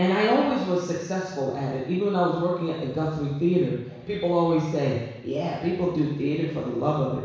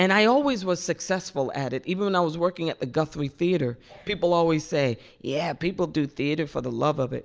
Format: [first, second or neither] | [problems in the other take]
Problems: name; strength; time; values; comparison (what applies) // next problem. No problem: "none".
second | room echo; dies away in 1.1 s